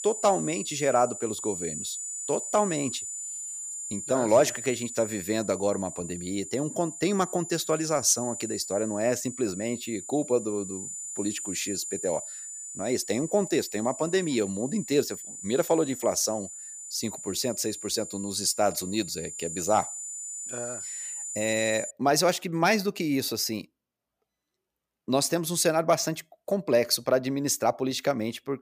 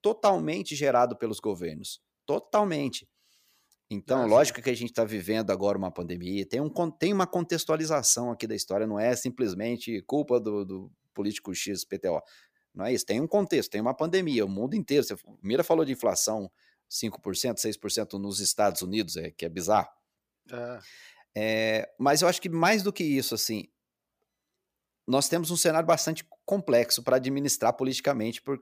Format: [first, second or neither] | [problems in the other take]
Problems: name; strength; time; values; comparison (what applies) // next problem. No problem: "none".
second | high-pitched whine; loud; until 22 s; 7 kHz, 8 dB below the speech